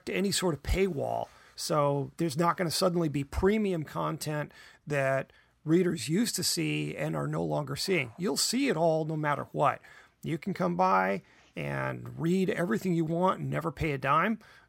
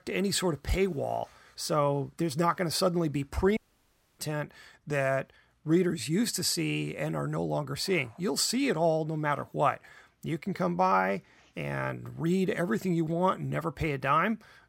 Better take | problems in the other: first | audio cutting out; at 3.5 s for 0.5 s

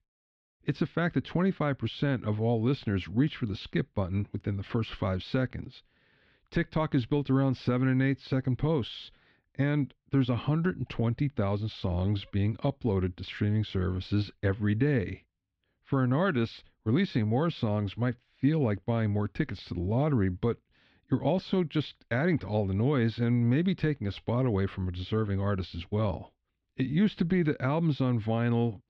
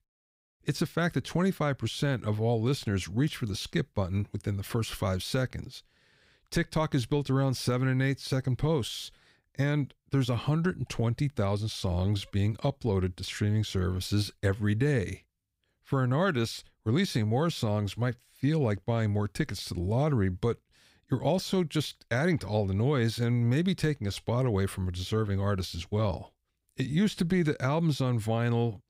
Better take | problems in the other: second | muffled; slightly; fading above 3.5 kHz

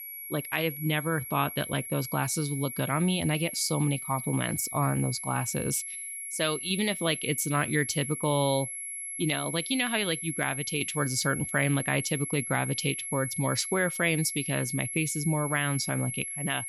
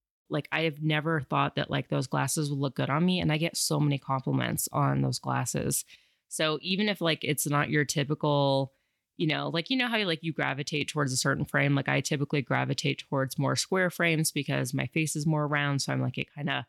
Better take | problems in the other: second | high-pitched whine; loud; throughout; 11 kHz, 6 dB below the speech

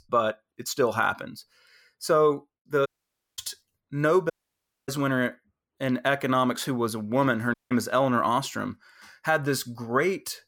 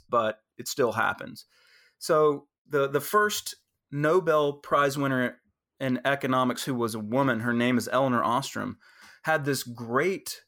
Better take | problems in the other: second | audio cutting out; at 3 s for 0.5 s, at 4.5 s for 0.5 s and at 7.5 s

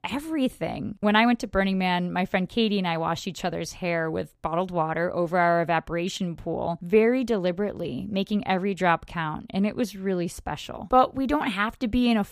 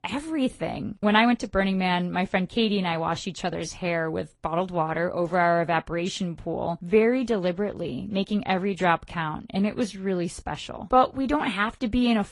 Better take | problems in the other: first | garbled, watery; slightly; nothing above 11 kHz

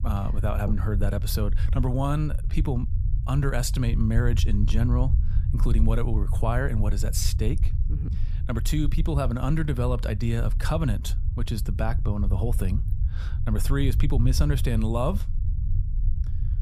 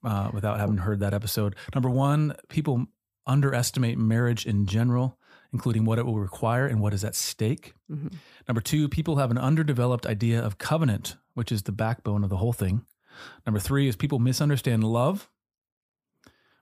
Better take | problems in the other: second | low rumble; noticeable; throughout; 15 dB below the speech

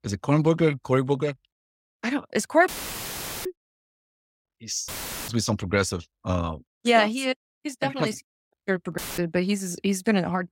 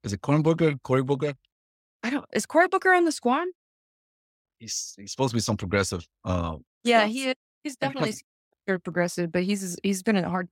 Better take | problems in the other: second | audio cutting out; filled with static; at 2.5 s for 1 s, at 5 s and at 9 s

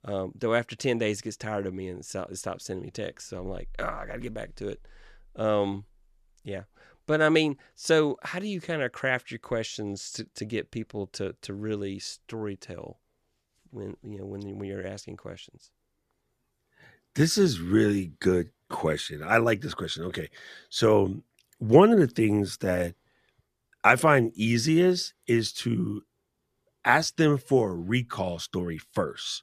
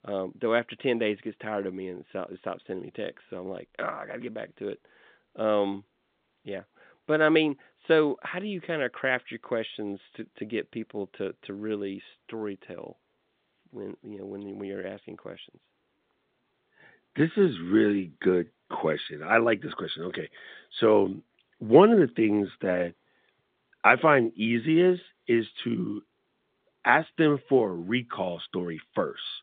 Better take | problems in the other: first | phone-call audio; nothing above 3.5 kHz

